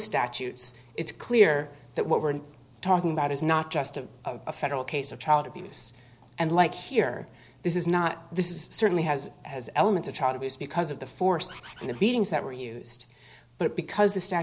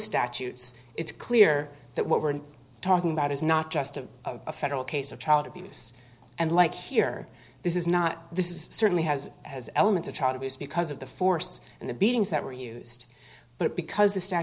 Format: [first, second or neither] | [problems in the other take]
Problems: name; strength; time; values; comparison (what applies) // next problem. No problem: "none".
second | background sound (Bird); 19 dB below the speech